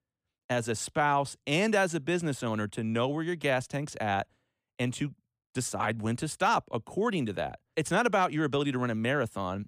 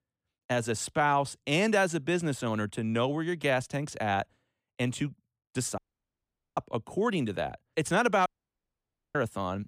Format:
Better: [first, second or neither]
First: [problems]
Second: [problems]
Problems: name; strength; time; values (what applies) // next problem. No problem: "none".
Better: first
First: none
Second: audio cutting out; at 6 s for 1 s and at 8.5 s for 1 s